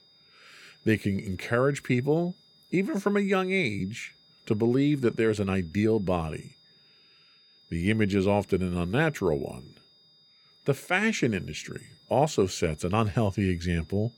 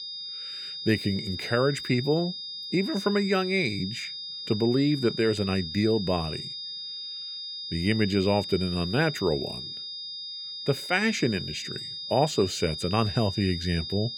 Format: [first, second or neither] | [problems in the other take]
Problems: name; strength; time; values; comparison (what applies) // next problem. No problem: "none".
first | high-pitched whine; loud; throughout; 5 kHz, 7 dB below the speech; faint in the first